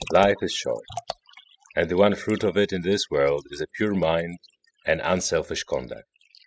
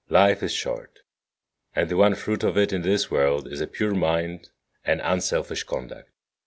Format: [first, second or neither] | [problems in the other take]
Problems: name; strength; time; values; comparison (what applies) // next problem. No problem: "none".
second | noise reduction (classical method spectral subtraction)